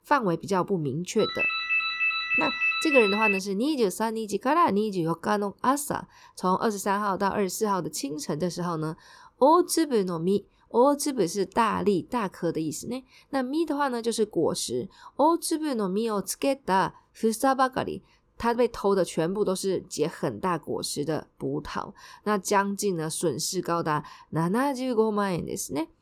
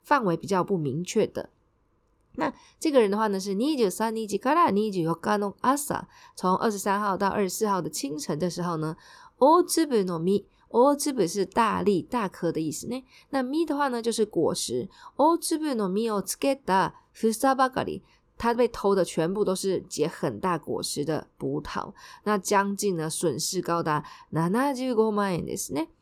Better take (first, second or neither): second